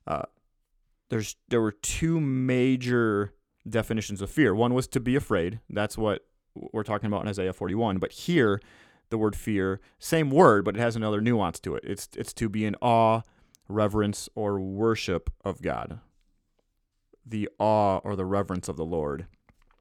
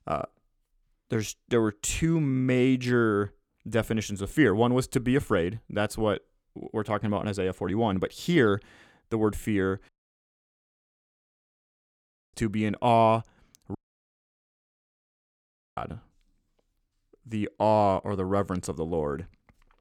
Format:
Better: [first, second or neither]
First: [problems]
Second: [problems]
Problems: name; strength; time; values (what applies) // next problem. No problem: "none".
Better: first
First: none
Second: audio cutting out; at 10 s for 2.5 s and at 14 s for 2 s